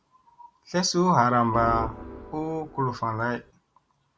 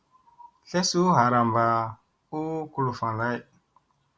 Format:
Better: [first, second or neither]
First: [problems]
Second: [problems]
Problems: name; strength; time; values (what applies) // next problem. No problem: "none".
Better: second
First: background sound (Organ); 11 dB below the speech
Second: none